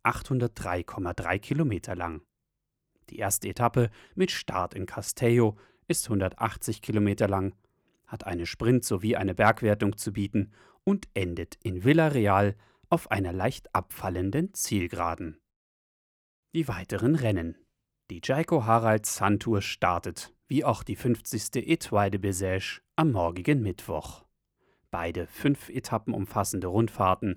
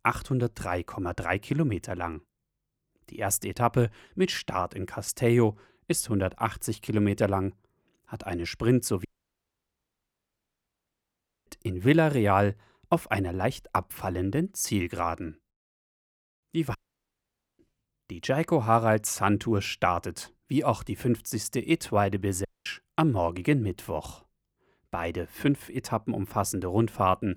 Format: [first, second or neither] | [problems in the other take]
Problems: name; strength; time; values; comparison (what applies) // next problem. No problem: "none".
first | audio cutting out; at 9 s for 2.5 s, at 17 s for 1 s and at 22 s